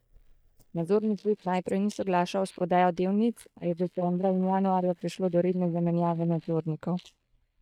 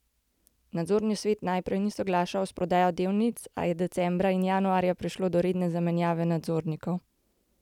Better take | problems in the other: second | noise reduction (neural mask model DeepFilterNet 3)

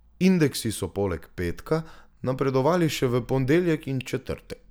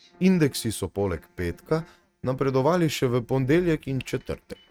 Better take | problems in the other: first | noise reduction (neural mask model RNNoise)

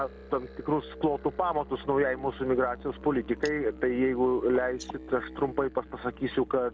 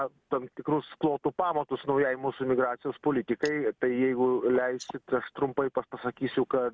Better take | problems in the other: second | background sound (Musical instrument); 16 dB below the speech

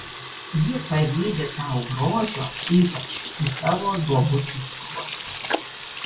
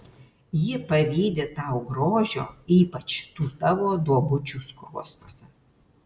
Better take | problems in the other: second | background sound (Sink (filling or washing) / Water tap, faucet); 9 dB below the speech // room echo; dies away in 0.2 s

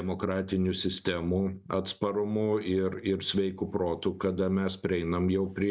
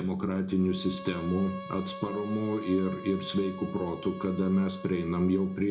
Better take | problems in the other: first | background sound (Bowed string instrument); 15 dB below the speech // room echo; dies away in 0.4 s

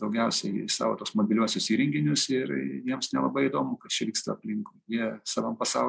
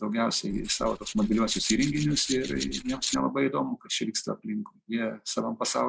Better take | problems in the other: first | noise reduction (neural mask model RNNoise)

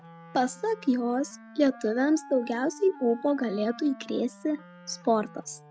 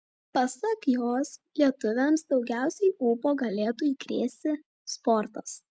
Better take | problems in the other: second | background sound (Wind instrument, woodwind instrument); 19 dB below the speech

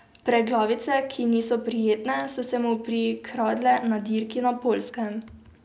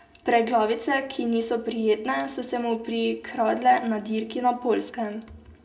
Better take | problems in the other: first | room echo; dies away in 0.4 s

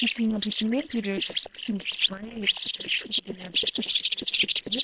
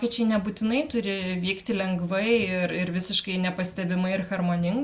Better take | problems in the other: second | noise reduction (neural separator model SepFormer WHAM!)

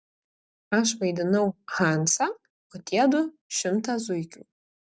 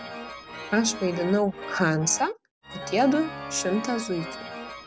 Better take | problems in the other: first | background sound (Organ); 11 dB below the speech

